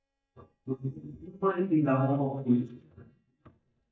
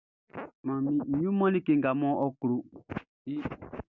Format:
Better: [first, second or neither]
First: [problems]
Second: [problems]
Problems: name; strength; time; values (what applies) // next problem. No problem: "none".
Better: second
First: noise reduction (neural mask model DeepFilterNet 3)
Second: none